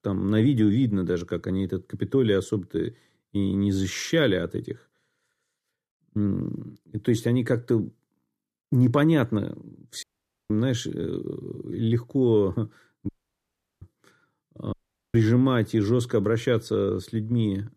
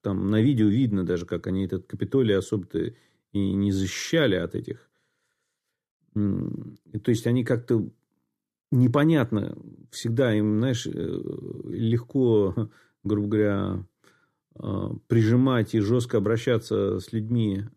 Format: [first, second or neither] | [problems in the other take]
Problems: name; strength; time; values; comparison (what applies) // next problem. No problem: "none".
second | audio cutting out; at 10 s, at 13 s for 0.5 s and at 15 s